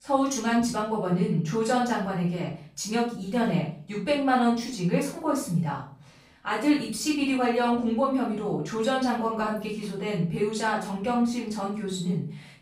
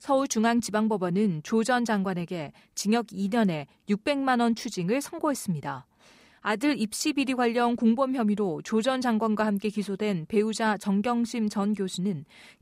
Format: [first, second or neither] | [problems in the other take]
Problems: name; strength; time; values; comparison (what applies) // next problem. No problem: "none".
second | off-mic speech; far // room echo; noticeable; dies away in 0.4 s